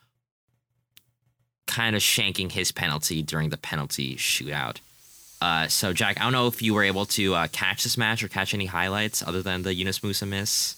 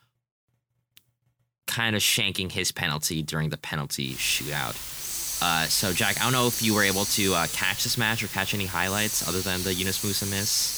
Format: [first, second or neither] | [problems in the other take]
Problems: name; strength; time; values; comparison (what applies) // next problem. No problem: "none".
first | hiss; loud; from 4 s on; 4 dB below the speech; faint in the first